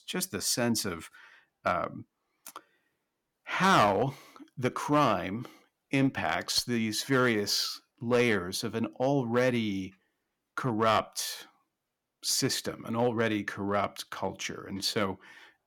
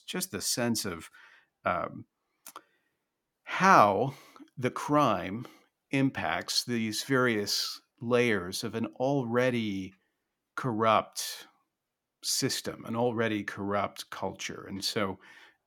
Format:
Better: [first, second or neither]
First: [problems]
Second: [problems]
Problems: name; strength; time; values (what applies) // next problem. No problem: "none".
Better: second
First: distortion; slight; 1.8% of the sound clipped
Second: none